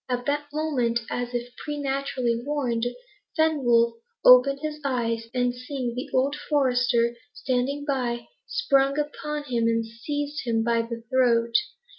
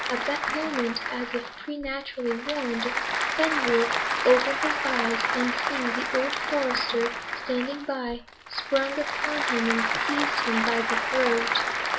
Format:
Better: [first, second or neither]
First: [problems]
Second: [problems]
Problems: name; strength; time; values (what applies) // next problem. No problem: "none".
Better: first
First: none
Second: background sound (Applause / Crowd); as loud as the speech